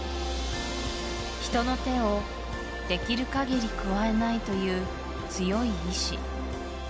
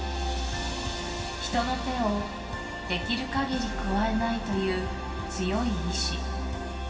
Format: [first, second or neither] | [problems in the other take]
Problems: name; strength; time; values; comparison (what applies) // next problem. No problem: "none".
first | room echo; dies away in 2.5 s